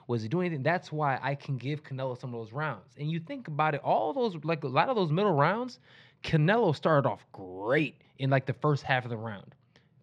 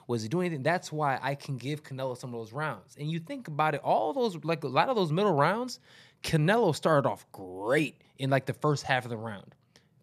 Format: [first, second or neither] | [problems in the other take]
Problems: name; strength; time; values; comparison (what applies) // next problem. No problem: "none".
second | muffled; very slightly; fading above 3 kHz